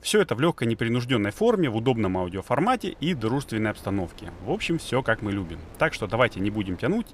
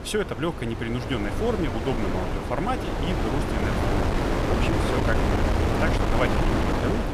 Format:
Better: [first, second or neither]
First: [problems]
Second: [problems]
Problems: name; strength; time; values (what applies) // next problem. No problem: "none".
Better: first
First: wind noise on the microphone; occasional gusts; 25 dB below the speech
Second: wind noise on the microphone; heavy; 2 dB above the speech